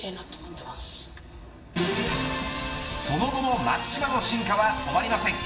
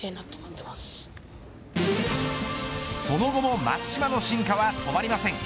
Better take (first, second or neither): second